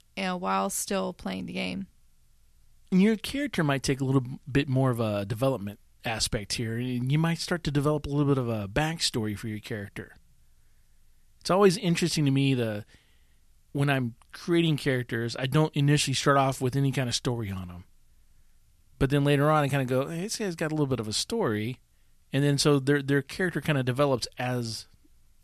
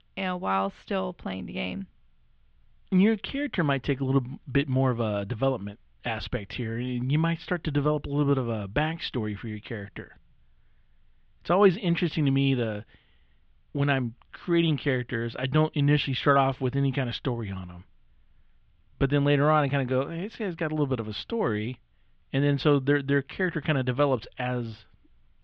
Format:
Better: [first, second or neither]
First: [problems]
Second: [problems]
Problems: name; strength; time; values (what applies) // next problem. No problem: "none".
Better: first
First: none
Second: muffled; very; fading above 3.5 kHz